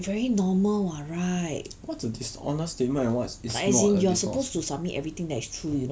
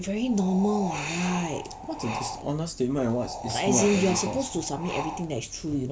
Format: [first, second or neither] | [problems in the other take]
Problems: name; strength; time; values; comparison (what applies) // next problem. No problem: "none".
first | background sound (Wind); 9 dB below the speech